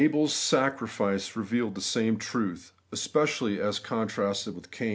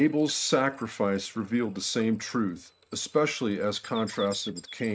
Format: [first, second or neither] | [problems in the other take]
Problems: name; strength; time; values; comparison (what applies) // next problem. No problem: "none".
first | noise reduction (neural mask model RNNoise)